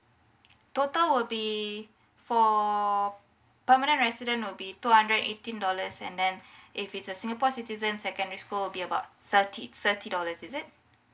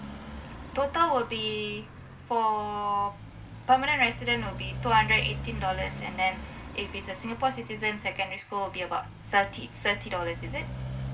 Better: first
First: none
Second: background sound (Motorcycle); 10 dB below the speech // room echo; dies away in 0.2 s

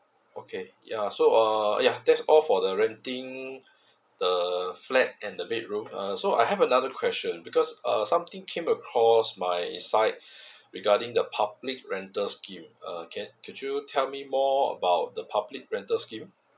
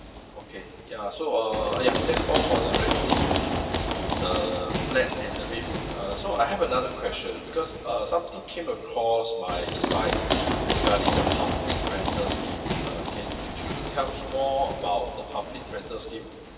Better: first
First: none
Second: background sound (Run); as loud as the speech // room echo; dies away in 2.4 s

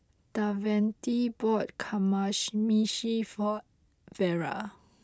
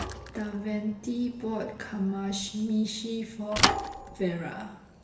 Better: first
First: none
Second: background sound (Thump, thud / Bicycle); 3 dB below the speech // room echo; dies away in 1.1 s

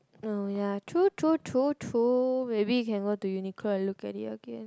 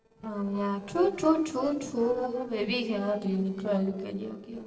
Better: first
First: none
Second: noise reduction (neural separator model SepFormer DNS4)

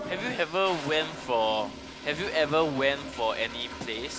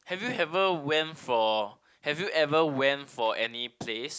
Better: second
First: background sound (Toilet flush); 11 dB below the speech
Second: none

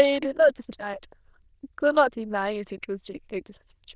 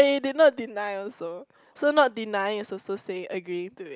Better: second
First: noise reduction (neural diffusion model UNIVERSE++)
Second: none

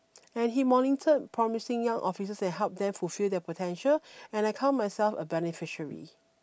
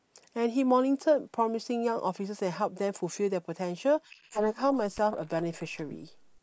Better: first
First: none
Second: noise reduction (neural mask model Resemble Enhance denoiser)

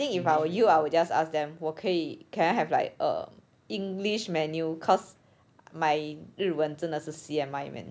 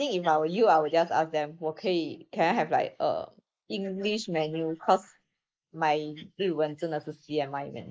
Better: first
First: none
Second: noise reduction (neural mask model Resemble Enhance denoiser)

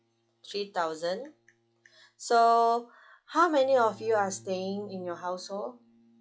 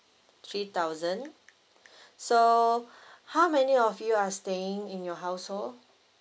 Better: second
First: noise reduction (classical method log-MMSE)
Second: none

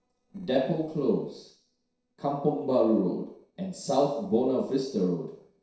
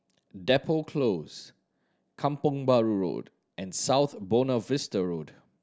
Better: second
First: noise reduction (neural separator model SepFormer DNS4)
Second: none

